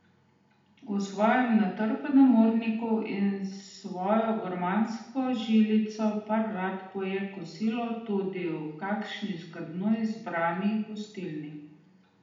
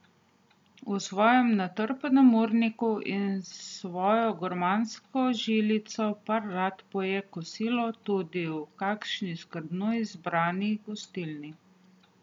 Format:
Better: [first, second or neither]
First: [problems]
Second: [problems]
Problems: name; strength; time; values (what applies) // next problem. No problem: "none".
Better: second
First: room echo; dies away in 0.8 s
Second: none